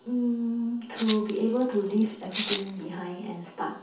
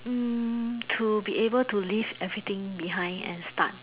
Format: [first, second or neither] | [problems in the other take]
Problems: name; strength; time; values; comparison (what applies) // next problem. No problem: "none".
second | background sound (Rattle (instrument)); 10 dB below the speech // room echo; dies away in 0.5 s